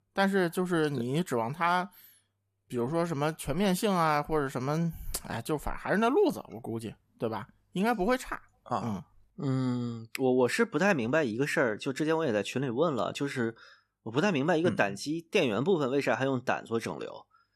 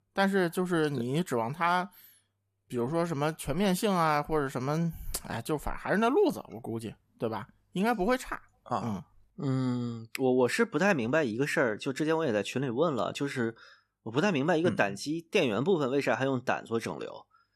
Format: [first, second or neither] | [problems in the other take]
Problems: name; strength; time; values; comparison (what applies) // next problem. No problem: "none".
neither | none